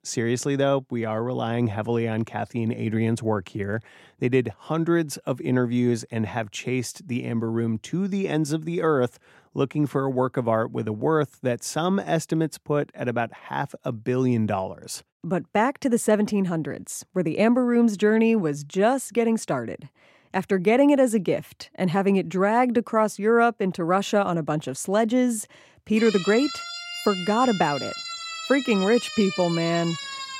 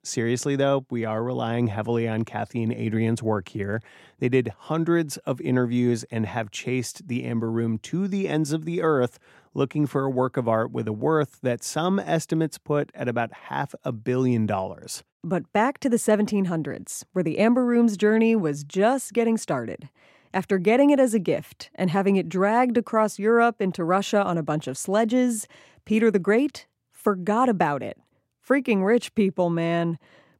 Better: second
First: siren; noticeable; from 26 s on; peak 7 dB below the speech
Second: none

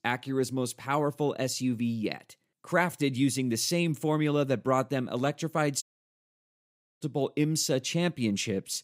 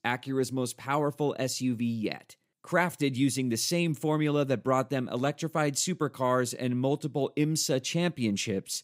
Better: second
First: audio cutting out; at 6 s for 1 s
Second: none

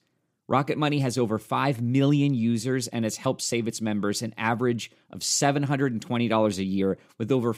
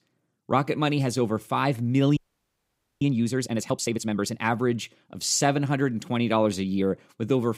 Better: first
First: none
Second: audio freezing; at 2 s for 1 s

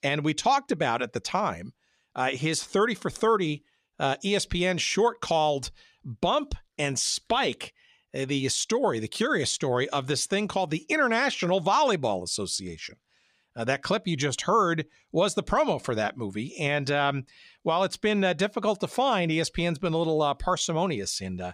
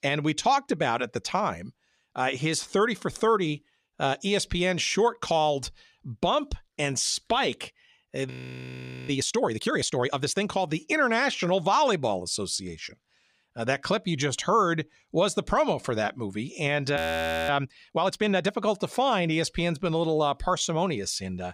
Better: first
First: none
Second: audio freezing; at 8.5 s for 1 s and at 17 s for 0.5 s

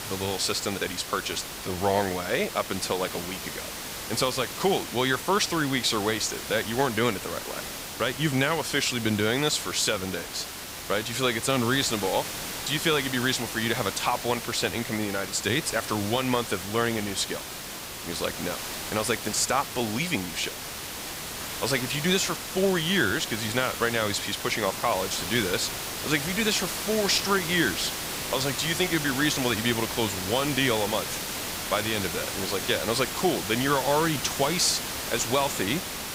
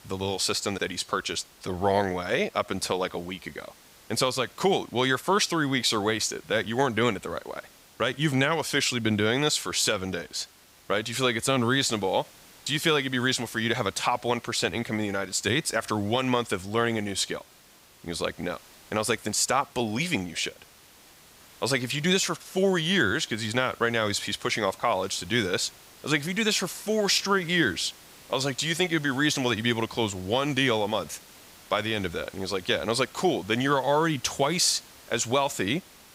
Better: second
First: hiss; loud; throughout; 6 dB below the speech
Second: hiss; faint; throughout; 25 dB below the speech

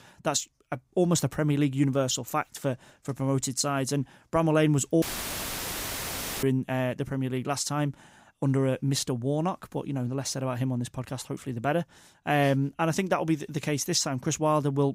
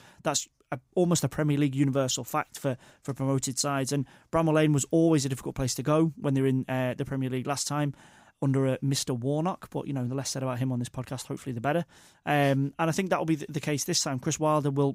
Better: second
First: audio cutting out; filled with static; at 5 s for 1.5 s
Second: none

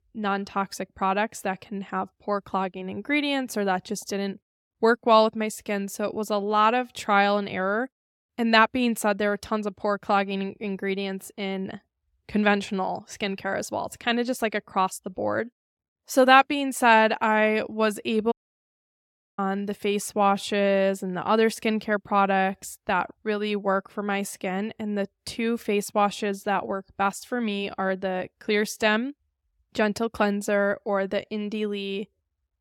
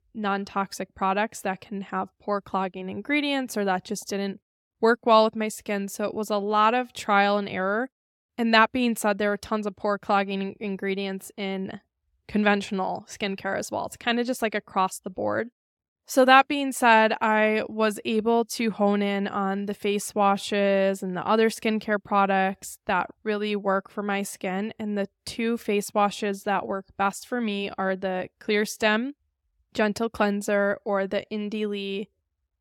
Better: second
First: audio cutting out; at 18 s for 1 s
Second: none

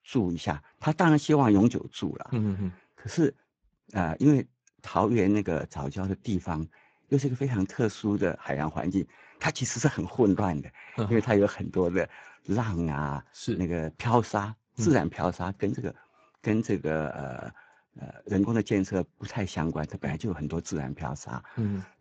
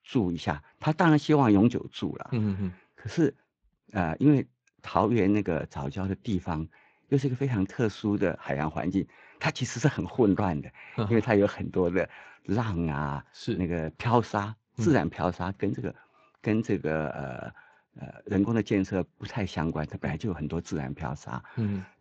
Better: second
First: garbled, watery; badly; nothing above 7.5 kHz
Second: garbled, watery; slightly

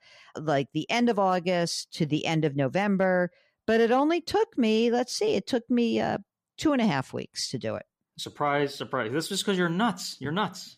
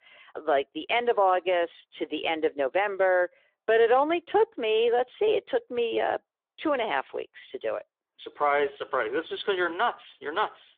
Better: first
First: none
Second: phone-call audio

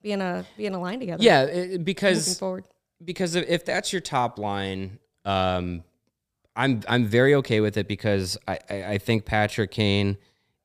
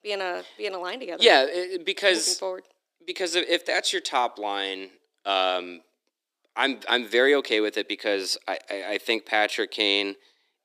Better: first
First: none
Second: thin; somewhat; fading below 300 Hz

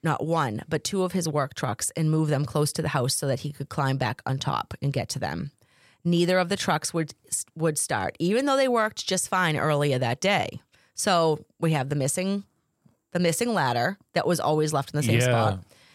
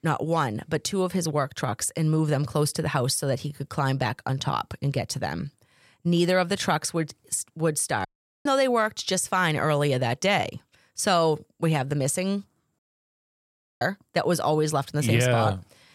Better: first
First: none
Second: audio cutting out; at 8 s and at 13 s for 1 s

